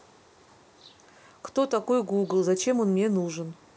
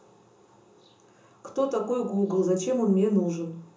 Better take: first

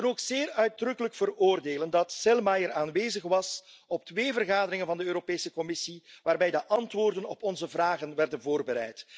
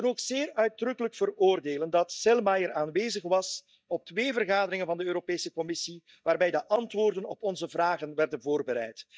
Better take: first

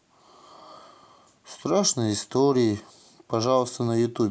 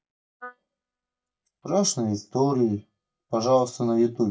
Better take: first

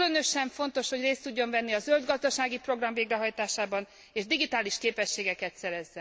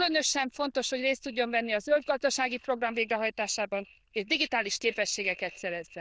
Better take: first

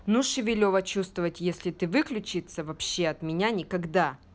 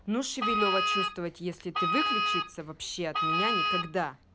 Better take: first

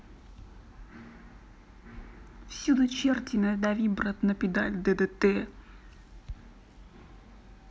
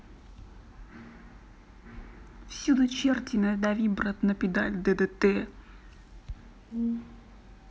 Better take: first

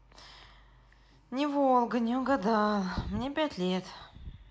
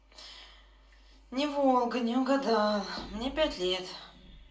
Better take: first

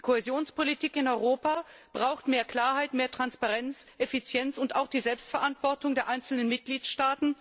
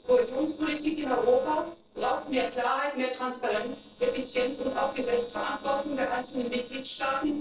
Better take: first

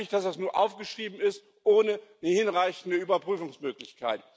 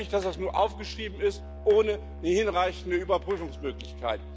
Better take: first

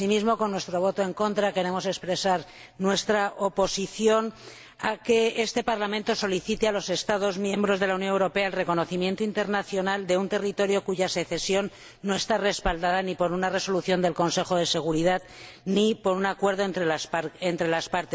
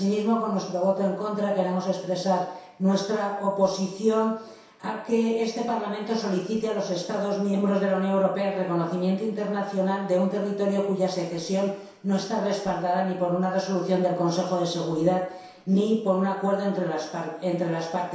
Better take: first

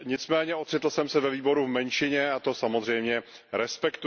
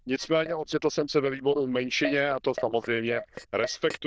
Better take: first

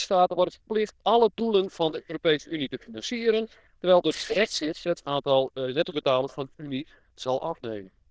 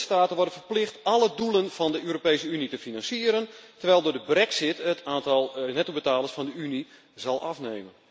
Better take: second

